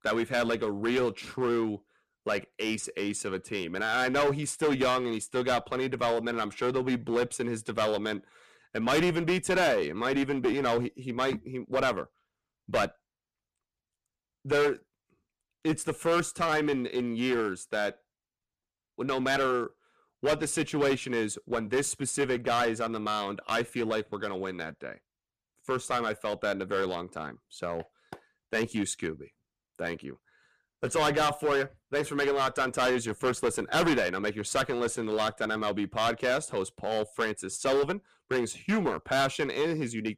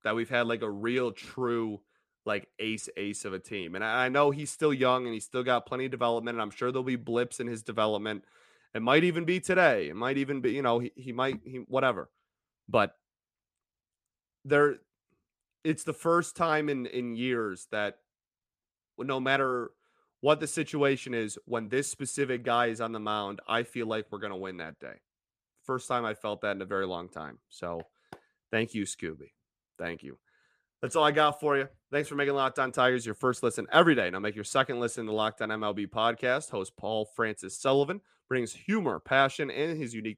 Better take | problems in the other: second | distortion; heavy; 8% of the sound clipped

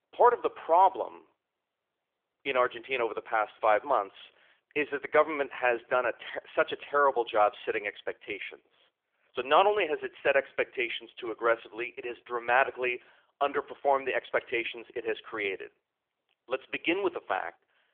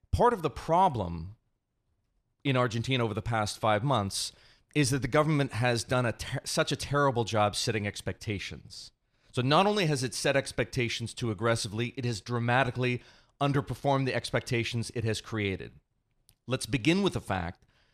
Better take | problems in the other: second | phone-call audio; nothing above 3.5 kHz

